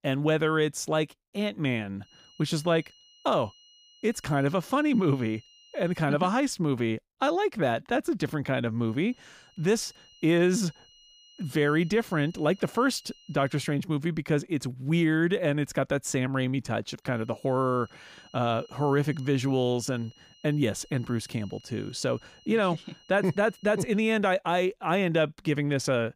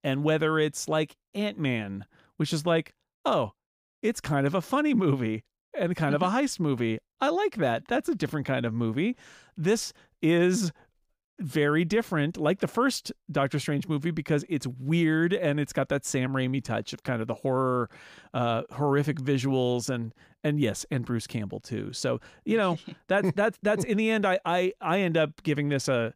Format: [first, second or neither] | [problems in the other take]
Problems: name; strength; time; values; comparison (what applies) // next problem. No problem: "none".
second | high-pitched whine; faint; from 2 to 6 s, from 9 to 14 s and from 17 to 24 s; 3 kHz, 25 dB below the speech